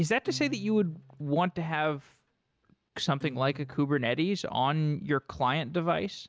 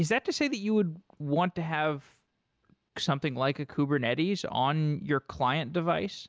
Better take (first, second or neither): second